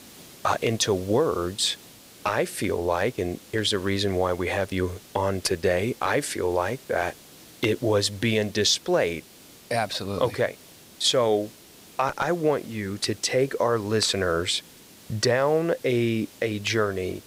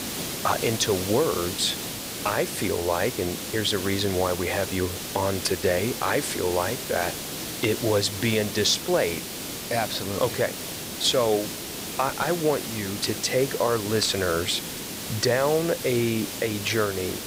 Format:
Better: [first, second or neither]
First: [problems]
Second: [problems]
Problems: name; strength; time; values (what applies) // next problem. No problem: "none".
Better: first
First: hiss; faint; throughout; 20 dB below the speech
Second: hiss; loud; throughout; 6 dB below the speech